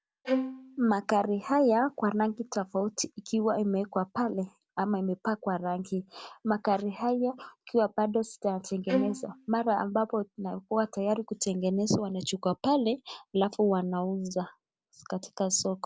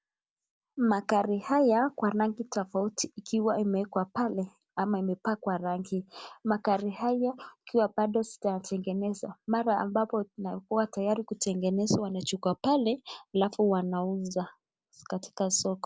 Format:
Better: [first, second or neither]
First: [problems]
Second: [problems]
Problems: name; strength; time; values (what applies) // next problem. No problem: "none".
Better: second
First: background sound (Bowed string instrument); 3 dB below the speech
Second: none